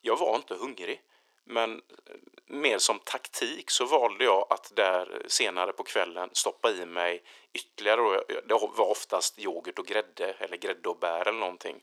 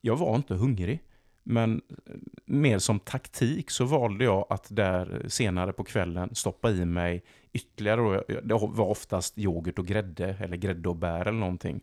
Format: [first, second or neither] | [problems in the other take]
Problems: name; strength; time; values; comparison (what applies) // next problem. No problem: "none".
second | thin; very; fading below 350 Hz